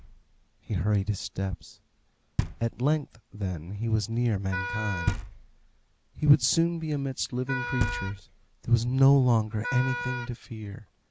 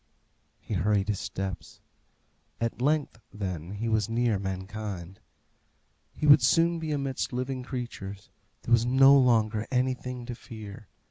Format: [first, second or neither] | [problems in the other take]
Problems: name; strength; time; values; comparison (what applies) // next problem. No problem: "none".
second | background sound (Knock + Wind instrument, woodwind instrument); 9 dB below the speech